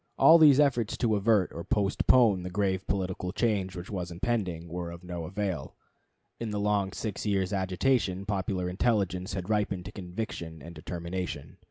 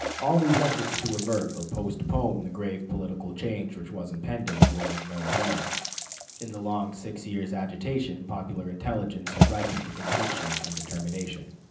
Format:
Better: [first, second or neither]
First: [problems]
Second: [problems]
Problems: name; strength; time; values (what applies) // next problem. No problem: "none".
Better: first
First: none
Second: background sound (Water / Splash, splatter); 1 dB below the speech // room echo; dies away in 0.6 s